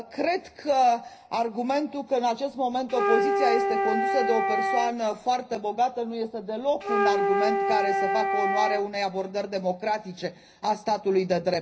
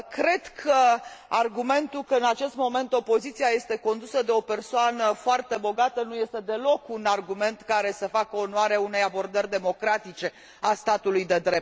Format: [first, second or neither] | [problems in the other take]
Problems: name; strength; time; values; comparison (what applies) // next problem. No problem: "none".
second | background sound (Wind instrument, woodwind instrument); 1 dB above the speech // room echo; dies away in 0.5 s